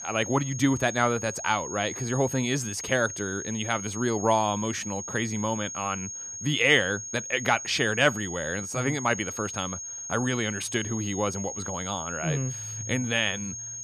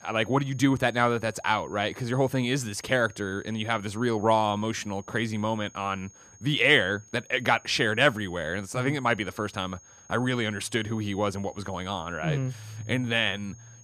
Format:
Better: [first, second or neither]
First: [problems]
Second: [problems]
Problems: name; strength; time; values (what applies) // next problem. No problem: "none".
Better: second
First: high-pitched whine; loud; throughout; 6.5 kHz, 7 dB below the speech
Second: high-pitched whine; faint; throughout; 6.5 kHz, 25 dB below the speech